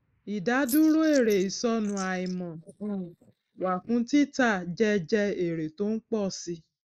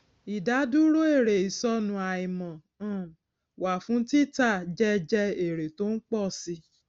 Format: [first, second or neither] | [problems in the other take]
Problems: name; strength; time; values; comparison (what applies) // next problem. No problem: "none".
second | noise reduction (neural mask model Resemble Enhance denoiser)